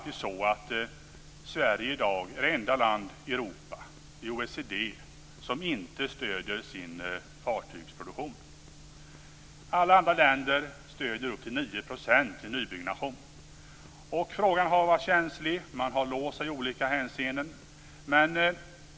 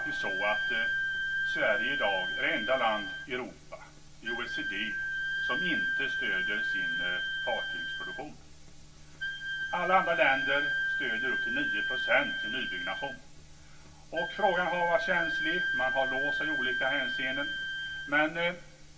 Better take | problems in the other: first | background sound (Wind instrument, woodwind instrument); as loud as the speech // room echo; dies away in 0.2 s

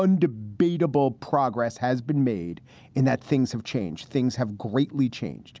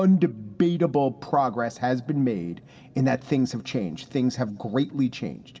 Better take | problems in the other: first | room echo; dies away in 2.4 s

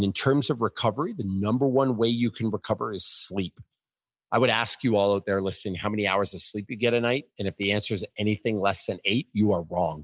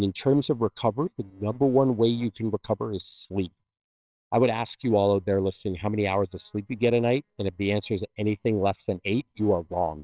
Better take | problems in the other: first | noise reduction (neural separator model SepFormer WHAMR!)

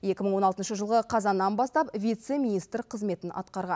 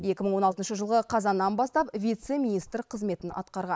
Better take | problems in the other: first | noise reduction (neural mask model Resemble Enhance denoiser)

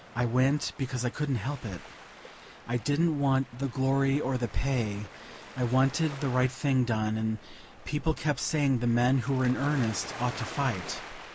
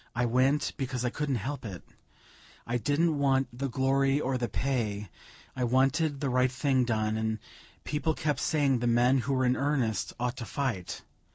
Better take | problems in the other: second | background sound (Waves, surf); 16 dB below the speech

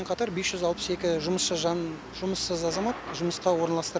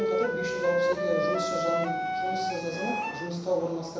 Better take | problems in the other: first | background sound (Wind instrument, woodwind instrument); 2 dB above the speech // room echo; dies away in 1 s

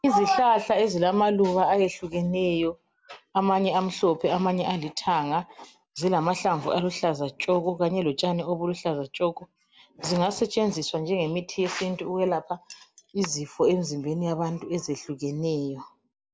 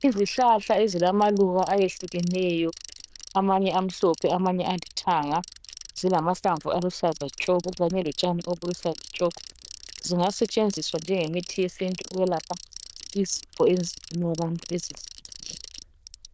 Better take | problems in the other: first | noise reduction (neural diffusion model UNIVERSE++)

